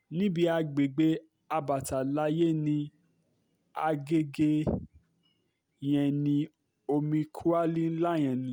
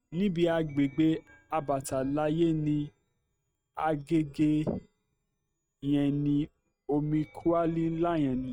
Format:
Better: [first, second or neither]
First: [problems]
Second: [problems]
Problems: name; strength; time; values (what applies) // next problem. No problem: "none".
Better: first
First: none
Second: noise reduction (neural mask model RNNoise)